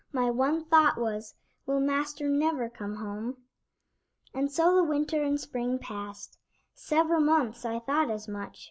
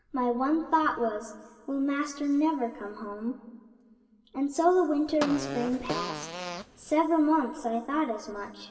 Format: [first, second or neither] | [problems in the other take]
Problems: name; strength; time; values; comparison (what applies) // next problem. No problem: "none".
first | background sound (Fart); 7 dB below the speech // room echo; dies away in 2.1 s